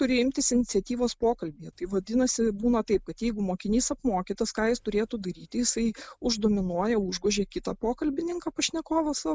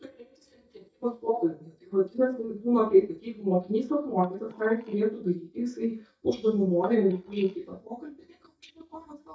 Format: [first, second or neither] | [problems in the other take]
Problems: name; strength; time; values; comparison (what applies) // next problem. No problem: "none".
first | noise reduction (neural mask model DeepFilterNet 3)